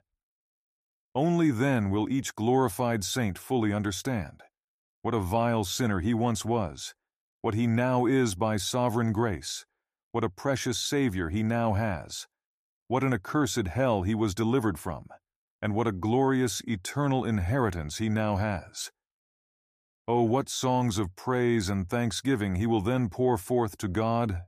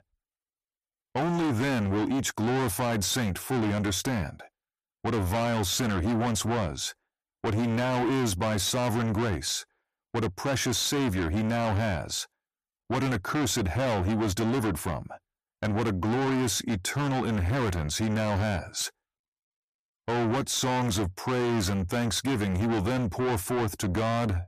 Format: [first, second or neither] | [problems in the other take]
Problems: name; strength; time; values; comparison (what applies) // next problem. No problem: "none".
first | distortion; heavy; 6 dB below the speech